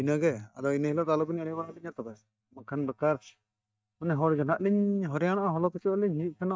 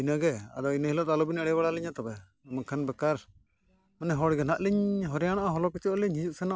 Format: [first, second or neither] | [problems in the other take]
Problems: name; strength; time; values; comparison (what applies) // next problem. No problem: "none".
second | noise reduction (neural mask model DeepFilterNet 3)